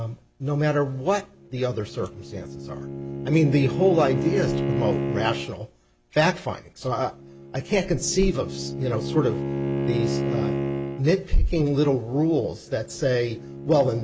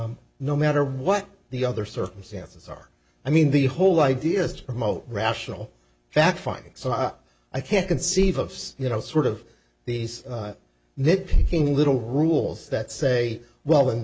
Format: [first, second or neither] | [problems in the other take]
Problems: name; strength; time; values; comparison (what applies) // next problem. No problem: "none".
second | background sound (Bowed string instrument); 6 dB below the speech